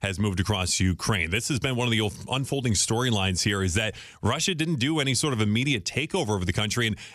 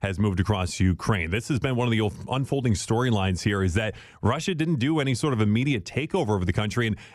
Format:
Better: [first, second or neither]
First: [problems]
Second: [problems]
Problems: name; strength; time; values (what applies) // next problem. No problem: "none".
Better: first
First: none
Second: muffled; slightly; fading above 2.5 kHz